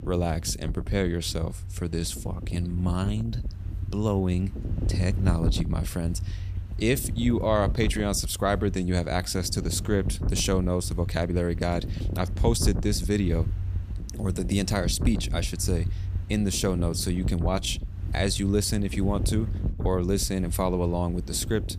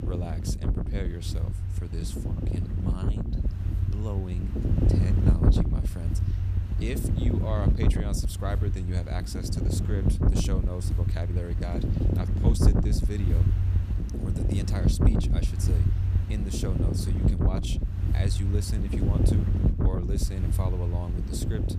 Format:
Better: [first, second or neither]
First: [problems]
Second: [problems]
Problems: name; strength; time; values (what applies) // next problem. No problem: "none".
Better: first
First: wind noise on the microphone; occasional gusts; 15 dB below the speech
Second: wind noise on the microphone; heavy; 1 dB above the speech